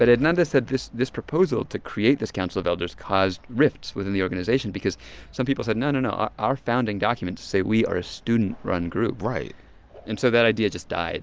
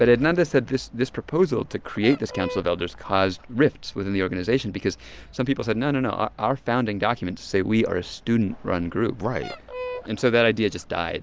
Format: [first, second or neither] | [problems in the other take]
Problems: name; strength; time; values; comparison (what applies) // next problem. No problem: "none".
first | background sound (Fowl); 14 dB below the speech